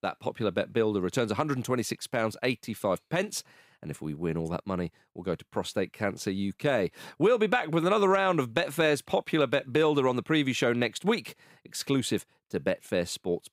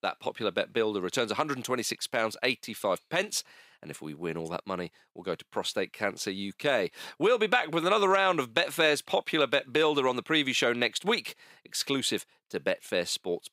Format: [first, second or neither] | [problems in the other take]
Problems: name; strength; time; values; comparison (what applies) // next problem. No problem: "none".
first | thin; very slightly; fading below 900 Hz